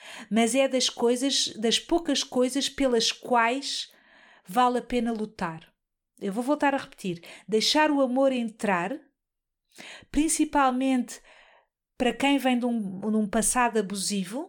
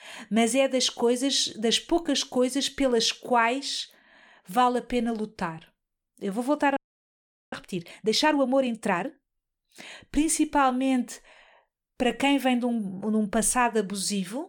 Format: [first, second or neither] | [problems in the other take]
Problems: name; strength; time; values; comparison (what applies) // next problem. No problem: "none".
first | audio freezing; at 7 s for 1 s